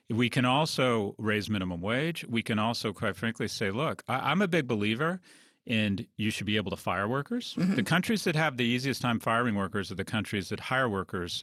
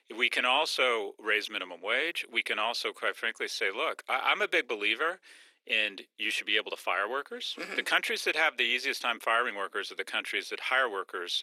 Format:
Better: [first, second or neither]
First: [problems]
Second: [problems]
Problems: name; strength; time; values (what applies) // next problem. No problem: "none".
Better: first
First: none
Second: thin; very; fading below 350 Hz